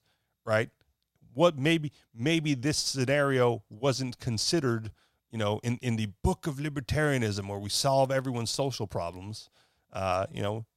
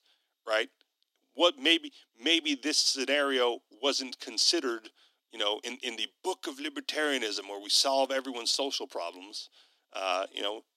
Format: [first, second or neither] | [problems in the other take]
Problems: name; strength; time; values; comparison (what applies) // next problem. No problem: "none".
first | thin; somewhat; fading below 250 Hz